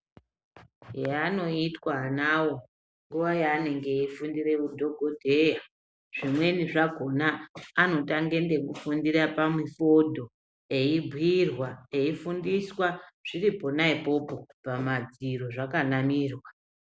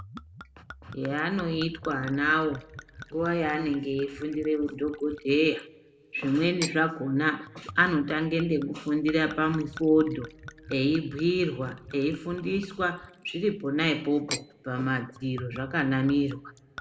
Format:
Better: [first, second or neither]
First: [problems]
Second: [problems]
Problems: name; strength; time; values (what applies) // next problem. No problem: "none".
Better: first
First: none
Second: background sound (Gurgling / Chink, clink / Liquid); 17 dB below the speech // room echo; dies away in 0.8 s